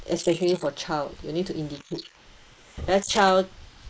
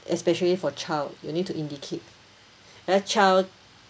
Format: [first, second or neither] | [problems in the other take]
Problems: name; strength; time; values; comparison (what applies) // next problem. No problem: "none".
second | noise reduction (neural mask model Resemble Enhance denoiser)